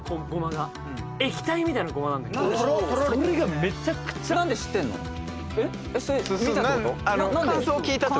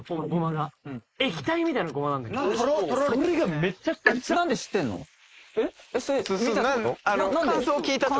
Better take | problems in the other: first | noise reduction (neural mask model Resemble Enhance denoiser)

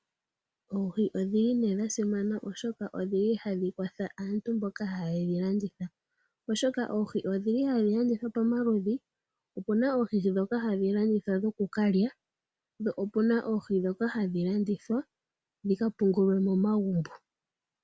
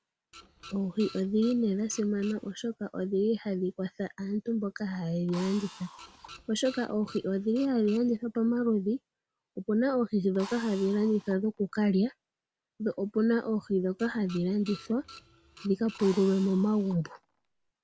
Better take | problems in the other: first | background sound (Drill + Printer); 20 dB below the speech

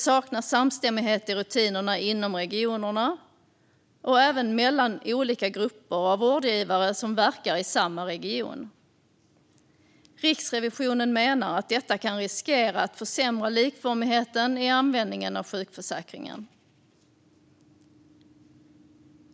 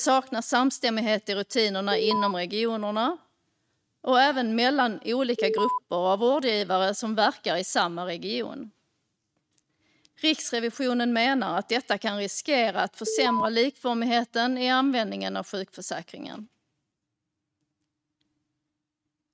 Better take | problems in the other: first | noise reduction (neural mask model RNNoise)

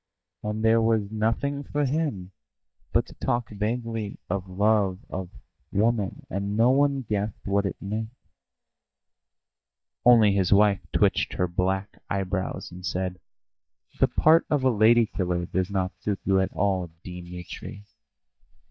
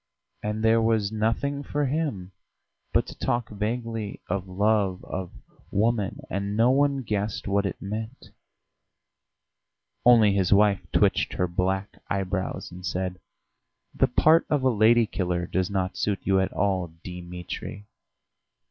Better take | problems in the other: second | noise reduction (neural mask model DeepFilterNet 3)

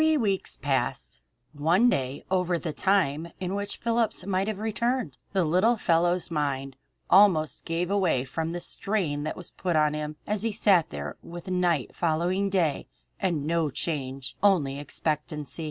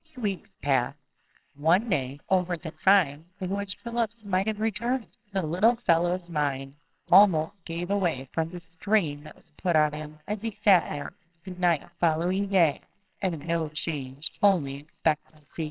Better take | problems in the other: first | noise reduction (neural separator model SepFormer WHAMR!)

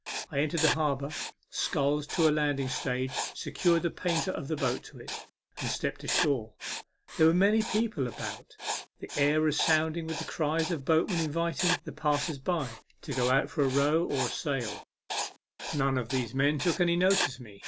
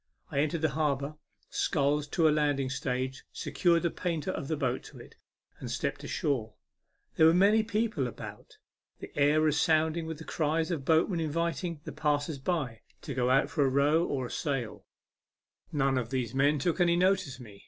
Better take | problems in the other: second | background sound (Writing); 8 dB below the speech

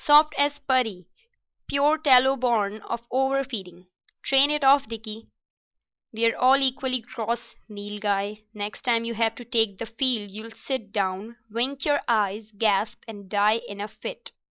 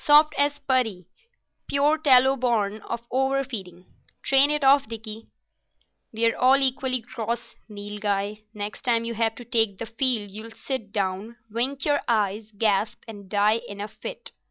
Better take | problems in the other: second | noise reduction (neural mask model Resemble Enhance denoiser)

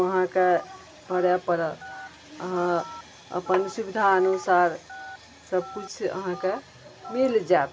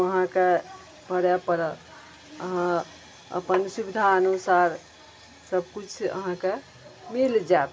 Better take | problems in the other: second | background sound (Telephone); 18 dB below the speech

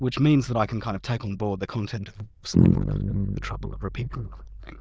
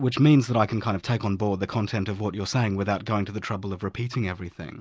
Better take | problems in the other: second | noise reduction (neural diffusion model UNIVERSE++)

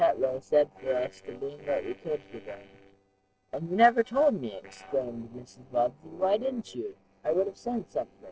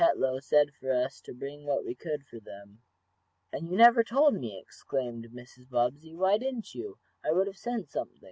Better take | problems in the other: second | noise reduction (neural separator model SepFormer DNS4)

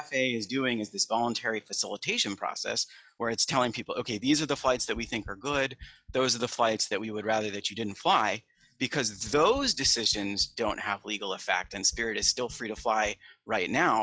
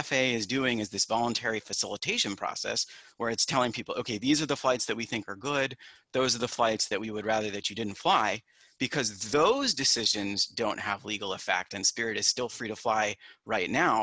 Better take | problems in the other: second | noise reduction (classical method log-MMSE)

